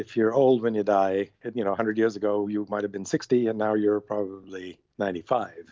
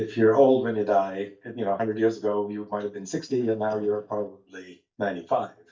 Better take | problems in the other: first | noise reduction (neural mask model DeepFilterNet 3)

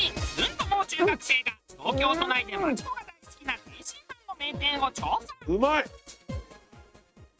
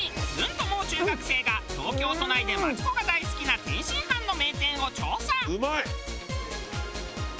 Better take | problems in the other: second | noise reduction (neural mask model RNNoise)

